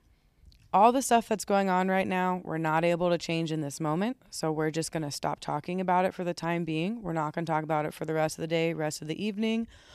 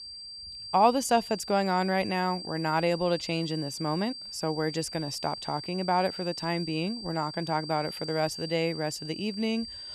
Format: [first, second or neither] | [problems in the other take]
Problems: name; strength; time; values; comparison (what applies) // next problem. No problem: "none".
first | high-pitched whine; loud; throughout; 4.5 kHz, 9 dB below the speech